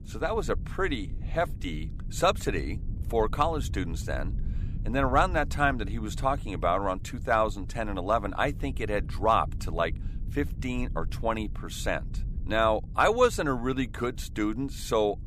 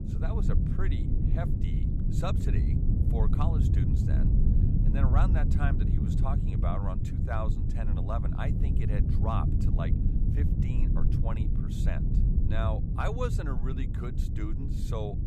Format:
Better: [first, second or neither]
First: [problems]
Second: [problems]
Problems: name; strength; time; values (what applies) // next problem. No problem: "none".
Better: first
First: low rumble; faint; throughout; 25 dB below the speech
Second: low rumble; loud; throughout; 2 dB below the speech